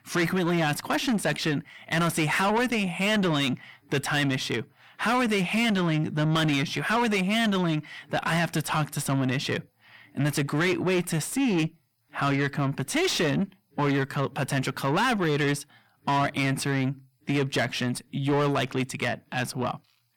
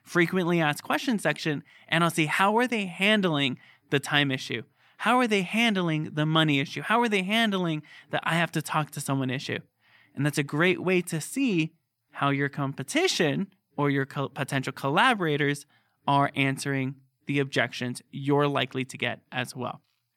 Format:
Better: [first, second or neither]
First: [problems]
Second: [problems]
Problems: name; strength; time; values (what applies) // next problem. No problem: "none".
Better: second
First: distortion; heavy; 7 dB below the speech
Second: none